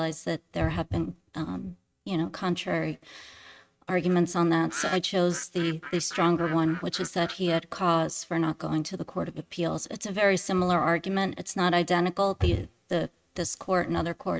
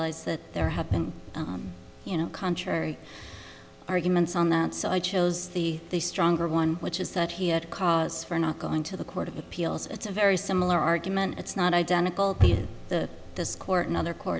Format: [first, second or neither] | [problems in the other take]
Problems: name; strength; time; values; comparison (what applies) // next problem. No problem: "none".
second | noise reduction (neural mask model RNNoise)